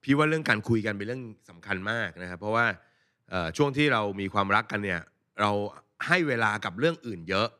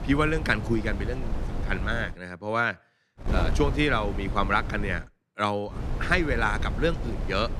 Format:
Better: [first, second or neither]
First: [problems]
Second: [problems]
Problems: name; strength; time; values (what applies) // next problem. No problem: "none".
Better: first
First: none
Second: wind noise on the microphone; occasional gusts; until 2 s, from 3.5 to 5 s and from 5.5 s on; 15 dB below the speech